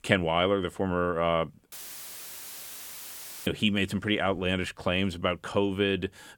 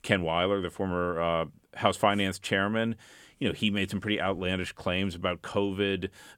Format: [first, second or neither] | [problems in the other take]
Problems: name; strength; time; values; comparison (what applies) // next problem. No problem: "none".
second | audio cutting out; filled with static; at 1.5 s for 2 s